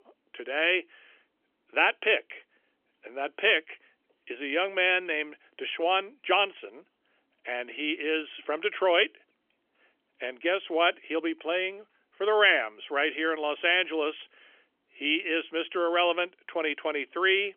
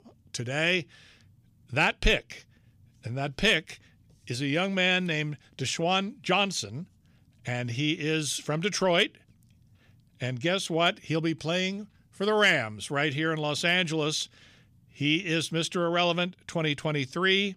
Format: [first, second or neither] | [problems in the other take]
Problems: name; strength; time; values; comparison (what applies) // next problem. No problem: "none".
second | phone-call audio; nothing above 3.5 kHz